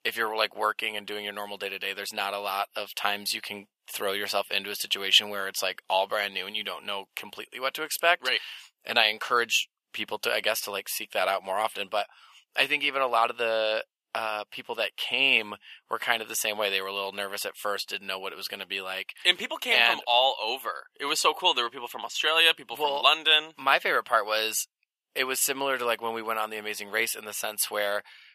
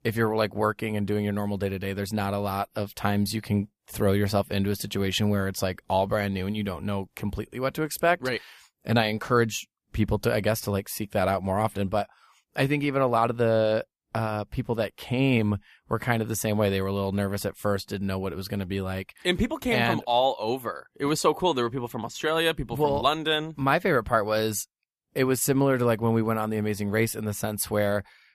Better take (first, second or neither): second